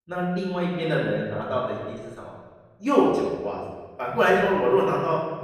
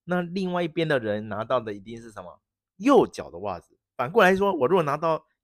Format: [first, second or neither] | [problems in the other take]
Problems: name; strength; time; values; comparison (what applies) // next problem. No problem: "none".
second | off-mic speech; far // room echo; noticeable; dies away in 1.4 s